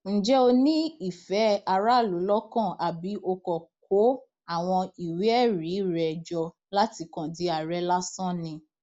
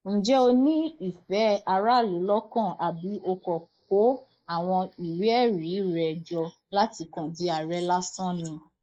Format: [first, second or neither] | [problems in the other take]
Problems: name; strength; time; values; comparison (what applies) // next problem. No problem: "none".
first | noise reduction (neural mask model Resemble Enhance denoiser)